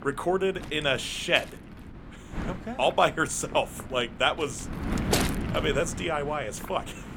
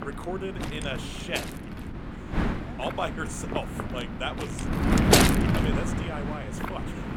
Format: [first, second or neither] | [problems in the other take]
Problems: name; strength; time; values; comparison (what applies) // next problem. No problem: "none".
first | wind noise on the microphone; heavy; 5 dB above the speech; occasional gusts in the first